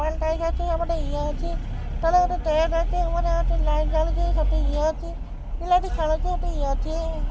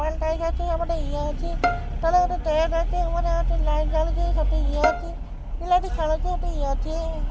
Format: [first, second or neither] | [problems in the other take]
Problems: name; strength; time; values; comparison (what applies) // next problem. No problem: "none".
first | background sound (Bowed string instrument); 11 dB below the speech